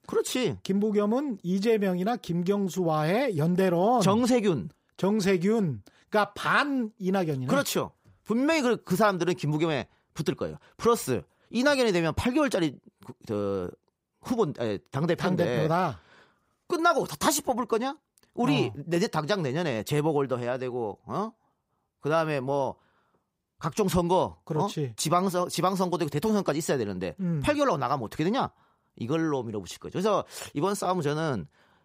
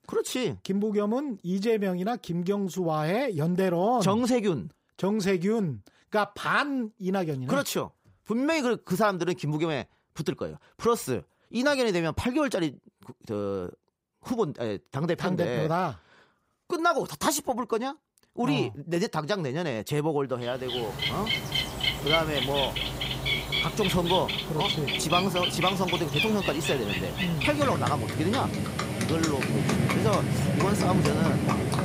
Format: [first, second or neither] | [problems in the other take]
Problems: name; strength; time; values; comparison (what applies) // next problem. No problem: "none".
first | animal sounds; very loud; from 21 s on; as loud as the speech